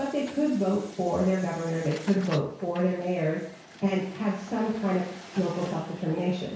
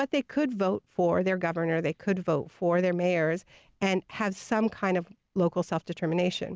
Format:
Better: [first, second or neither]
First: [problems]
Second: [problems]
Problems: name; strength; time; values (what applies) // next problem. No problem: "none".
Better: second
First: background sound (Truck); 18 dB below the speech // room echo; dies away in 0.6 s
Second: none